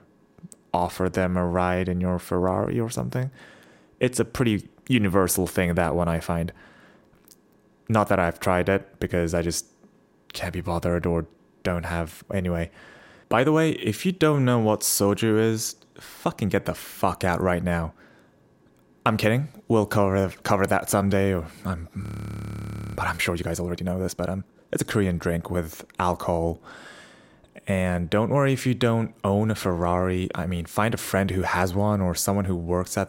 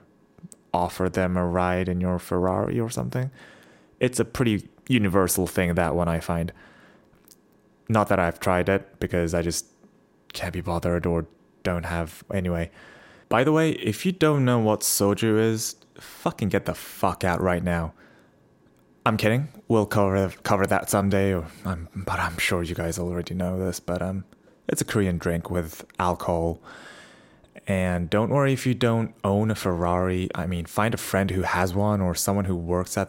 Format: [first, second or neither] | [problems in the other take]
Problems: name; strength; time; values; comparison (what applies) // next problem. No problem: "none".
second | audio freezing; at 22 s for 1 s